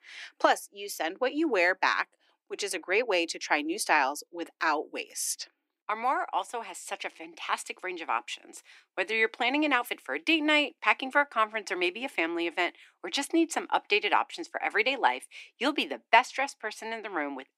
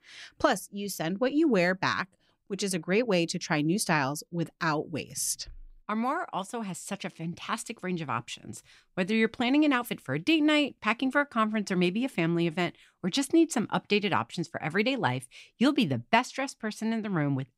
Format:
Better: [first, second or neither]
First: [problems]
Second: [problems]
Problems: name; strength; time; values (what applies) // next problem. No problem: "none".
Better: second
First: thin; somewhat; fading below 300 Hz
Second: none